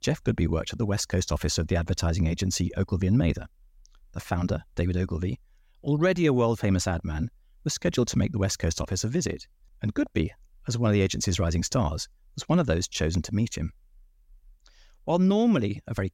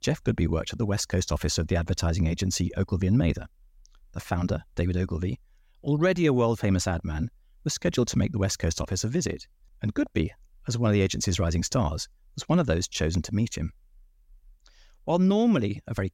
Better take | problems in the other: neither | none

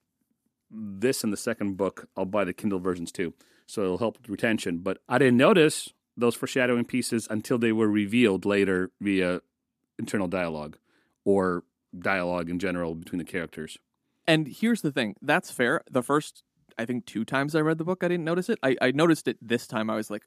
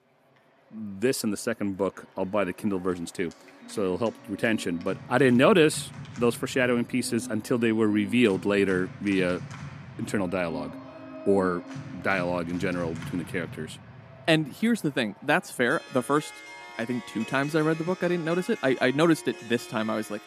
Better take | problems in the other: first | background music; noticeable; throughout; 15 dB below the speech

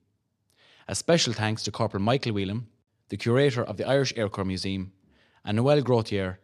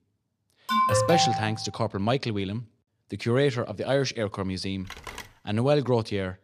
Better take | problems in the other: first | alarm; loud; at 0.5 s; peak 4 dB above the speech // phone ringing; faint; at 5 s; peak 10 dB below the speech

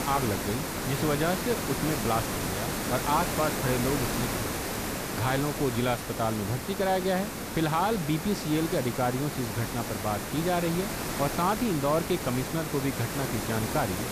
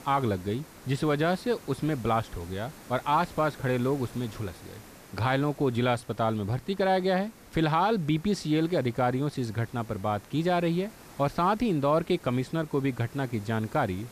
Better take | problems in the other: second | hiss; loud; throughout; 2 dB below the speech; faint in the second

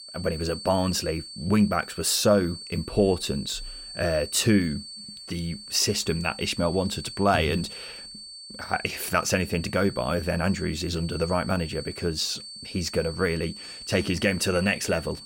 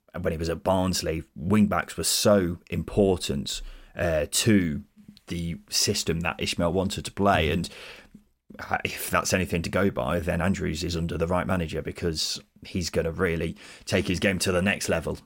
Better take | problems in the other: second | high-pitched whine; noticeable; throughout; 4.5 kHz, 15 dB below the speech

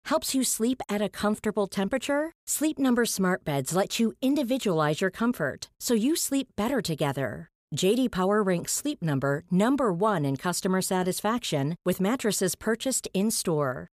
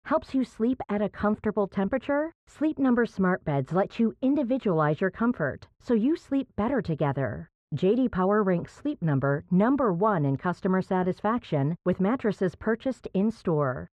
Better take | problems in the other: first | muffled; very; fading above 1.5 kHz

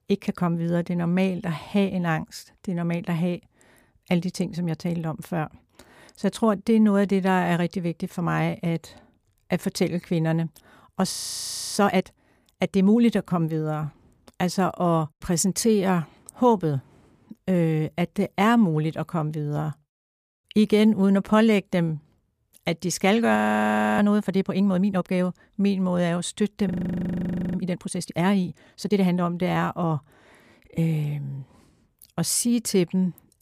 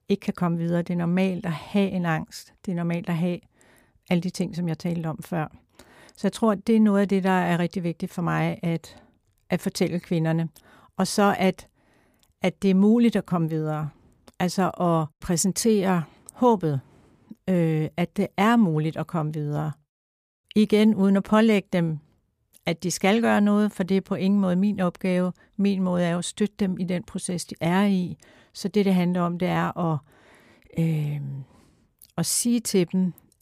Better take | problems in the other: second | audio freezing; at 11 s for 0.5 s, at 23 s for 0.5 s and at 27 s for 1 s

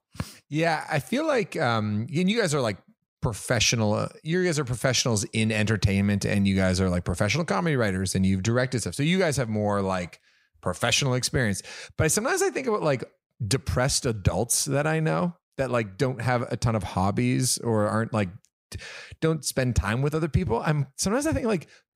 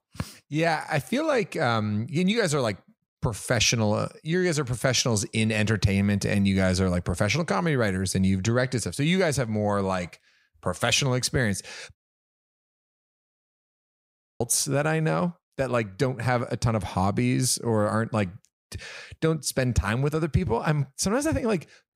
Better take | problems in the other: first | audio cutting out; at 12 s for 2.5 s

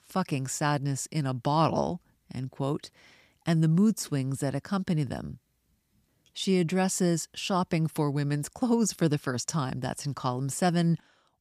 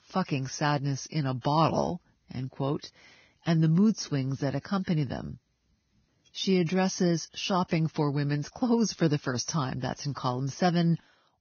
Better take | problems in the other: first | garbled, watery; badly; nothing above 6.5 kHz

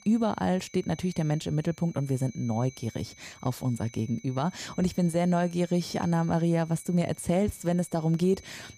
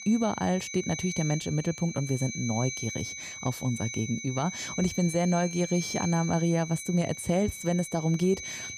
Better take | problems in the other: first | high-pitched whine; loud; throughout; 2 kHz, 8 dB below the speech; faint in the first

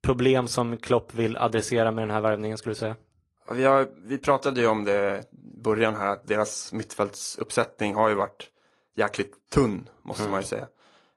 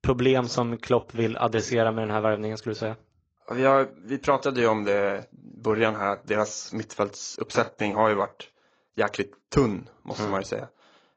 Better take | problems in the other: first | garbled, watery; badly; slightly in the first

